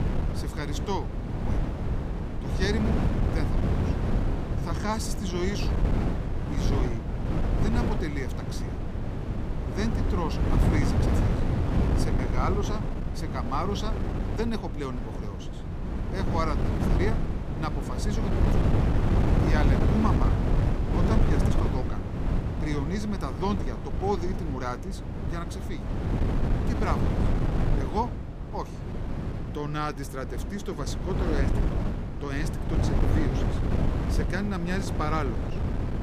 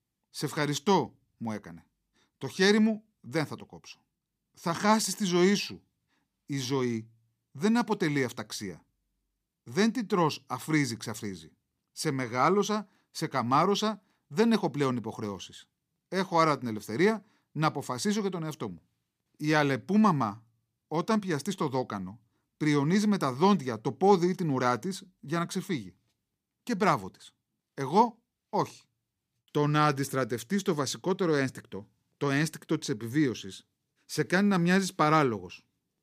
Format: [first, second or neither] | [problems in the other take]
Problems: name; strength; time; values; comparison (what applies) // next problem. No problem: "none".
second | wind noise on the microphone; heavy; 1 dB below the speech